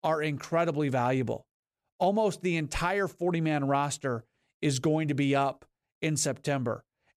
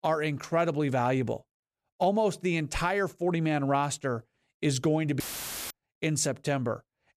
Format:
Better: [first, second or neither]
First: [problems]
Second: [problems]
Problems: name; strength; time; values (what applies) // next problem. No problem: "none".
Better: first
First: none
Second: audio cutting out; filled with static; at 5 s for 0.5 s